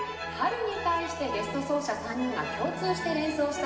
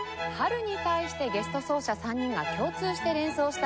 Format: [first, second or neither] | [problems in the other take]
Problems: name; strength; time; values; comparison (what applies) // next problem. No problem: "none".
second | room echo; dies away in 2.6 s